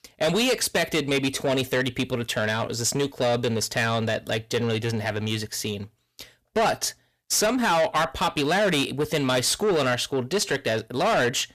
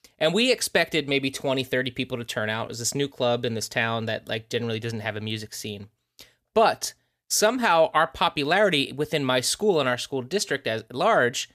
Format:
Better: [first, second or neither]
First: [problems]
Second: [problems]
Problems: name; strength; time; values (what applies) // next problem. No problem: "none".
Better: second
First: distortion; heavy; 7 dB below the speech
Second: none